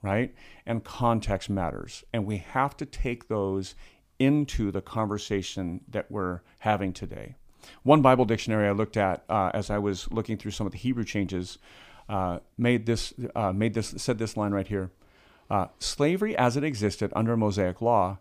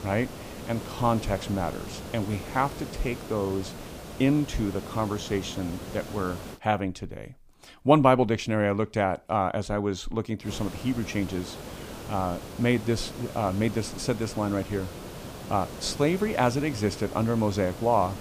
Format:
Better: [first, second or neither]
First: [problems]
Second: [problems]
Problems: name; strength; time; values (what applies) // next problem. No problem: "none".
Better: first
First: none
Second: hiss; noticeable; until 6.5 s and from 10 s on; 10 dB below the speech